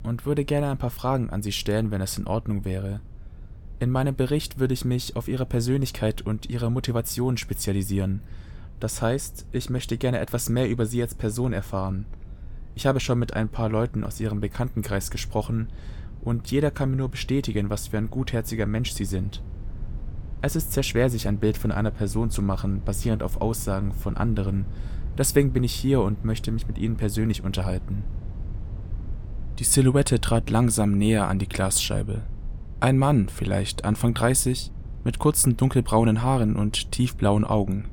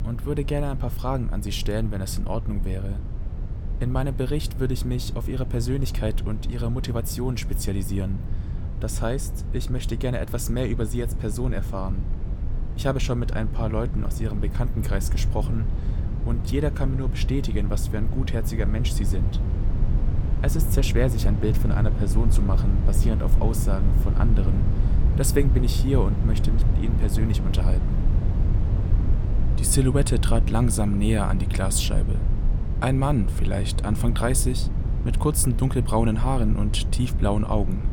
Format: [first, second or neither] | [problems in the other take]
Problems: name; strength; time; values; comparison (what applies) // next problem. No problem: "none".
first | low rumble; loud; throughout; 9 dB below the speech; faint in the first